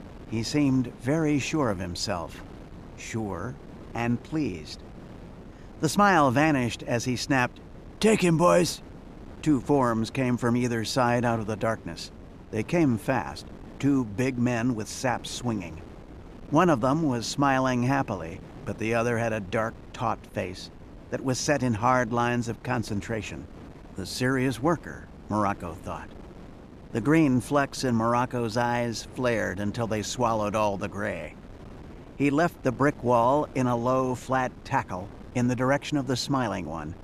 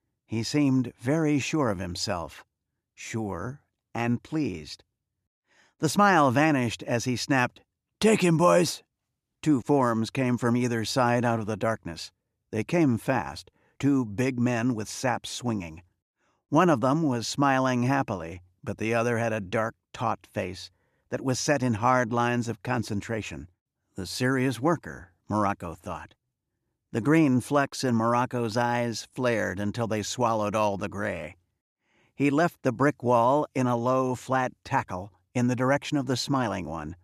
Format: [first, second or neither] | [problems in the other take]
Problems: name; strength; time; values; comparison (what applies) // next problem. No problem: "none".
second | wind noise on the microphone; occasional gusts; 20 dB below the speech